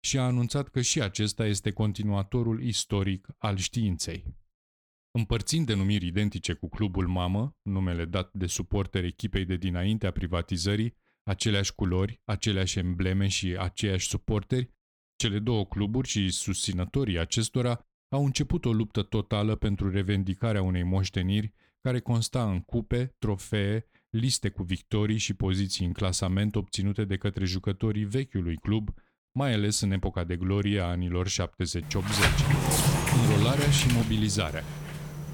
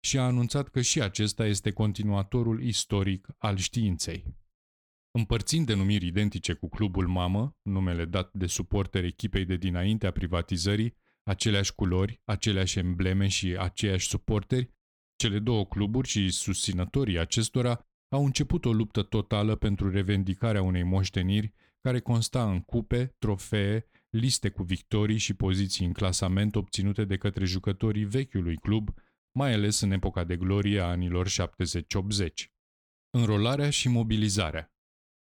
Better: second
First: door banging; loud; from 32 s on; peak 6 dB above the speech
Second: none

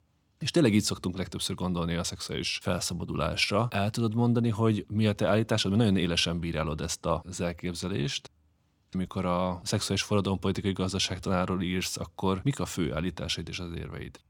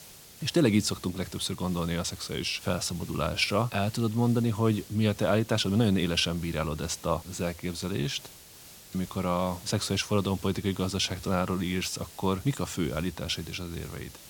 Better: first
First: none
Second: hiss; noticeable; throughout; 20 dB below the speech

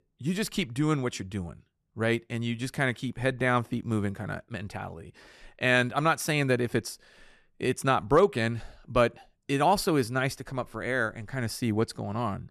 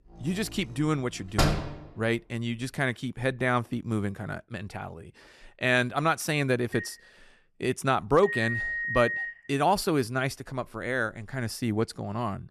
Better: first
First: none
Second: door banging; loud; at 1.5 s; peak 2 dB above the speech // phone ringing; noticeable; from 6.5 to 9.5 s; peak level with the speech

